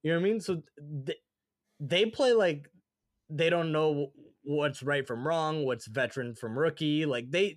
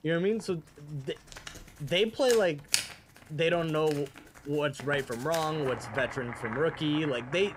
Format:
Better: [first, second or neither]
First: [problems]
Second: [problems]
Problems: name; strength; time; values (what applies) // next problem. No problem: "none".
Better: first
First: none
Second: household noises; loud; throughout; 8 dB below the speech